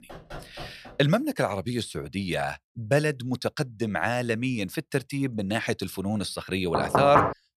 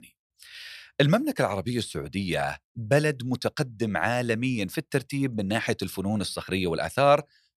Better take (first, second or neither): second